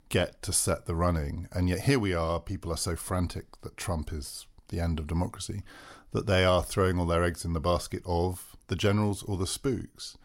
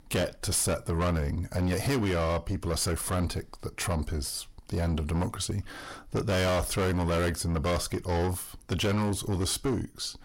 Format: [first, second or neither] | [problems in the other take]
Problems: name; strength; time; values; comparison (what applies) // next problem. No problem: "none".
first | distortion; heavy; 7 dB below the speech